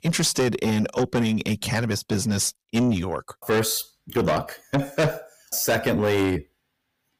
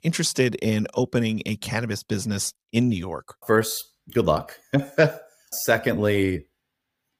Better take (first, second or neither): second